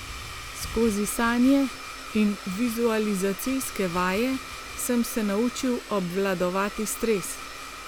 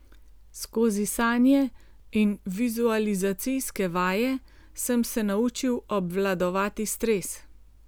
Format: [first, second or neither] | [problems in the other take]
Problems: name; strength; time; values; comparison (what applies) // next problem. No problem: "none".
second | background sound (Domestic sounds, home sounds); 12 dB below the speech